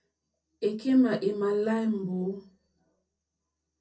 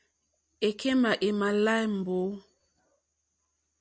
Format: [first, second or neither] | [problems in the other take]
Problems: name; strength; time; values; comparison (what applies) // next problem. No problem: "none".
second | room echo; dies away in 0.3 s